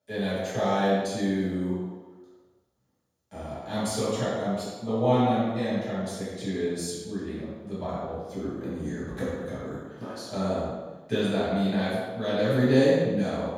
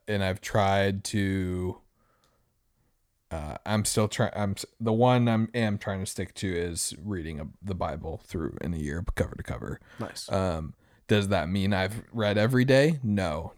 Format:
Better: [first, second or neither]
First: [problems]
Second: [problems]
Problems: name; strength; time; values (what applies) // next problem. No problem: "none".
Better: second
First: room echo; strong; dies away in 1.1 s // off-mic speech; far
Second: none